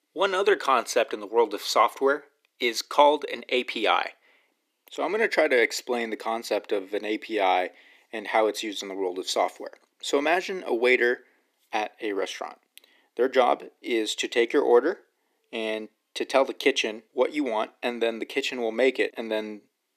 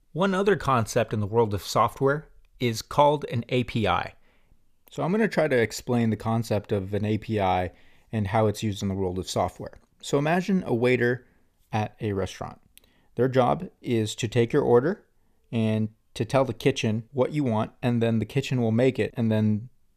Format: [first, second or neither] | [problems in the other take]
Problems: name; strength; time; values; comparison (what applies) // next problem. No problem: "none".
second | thin; somewhat; fading below 300 Hz